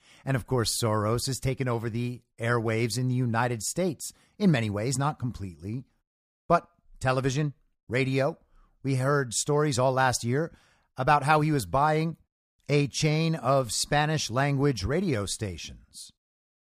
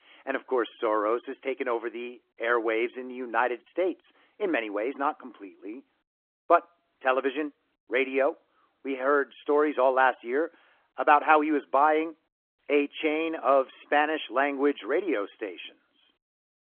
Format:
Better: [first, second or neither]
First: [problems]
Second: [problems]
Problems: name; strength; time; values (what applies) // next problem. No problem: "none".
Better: first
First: none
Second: phone-call audio; nothing above 3.5 kHz